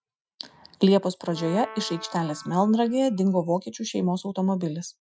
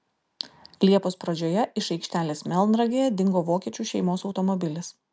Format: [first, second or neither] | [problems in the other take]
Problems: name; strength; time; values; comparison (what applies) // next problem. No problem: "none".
second | noise reduction (classical method Wiener filter)